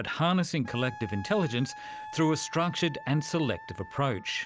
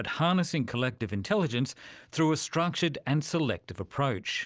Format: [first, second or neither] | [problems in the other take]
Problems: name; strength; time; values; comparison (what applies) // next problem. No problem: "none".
second | background sound (Wind instrument, woodwind instrument); 16 dB below the speech